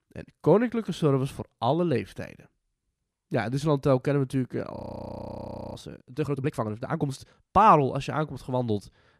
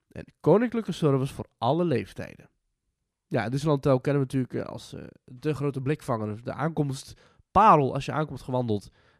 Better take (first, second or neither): second